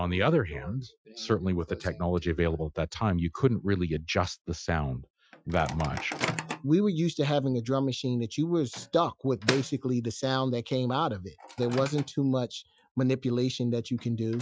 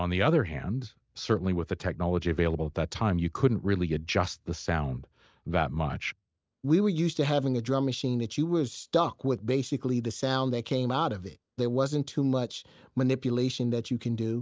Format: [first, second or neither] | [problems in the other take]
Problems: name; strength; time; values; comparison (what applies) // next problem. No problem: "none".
second | noise reduction (classical method Wiener filter)